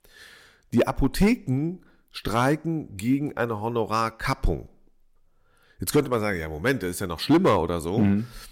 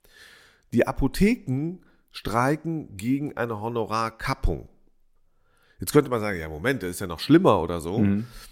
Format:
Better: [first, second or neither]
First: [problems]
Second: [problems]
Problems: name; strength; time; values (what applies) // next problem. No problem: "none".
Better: second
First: distortion; slight; 2% of the sound clipped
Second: none